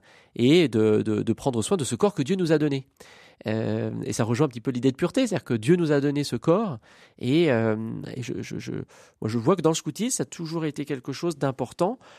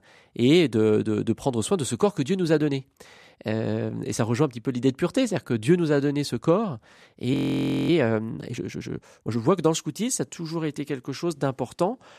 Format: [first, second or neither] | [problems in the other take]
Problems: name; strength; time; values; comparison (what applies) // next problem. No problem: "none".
first | audio freezing; at 7.5 s for 0.5 s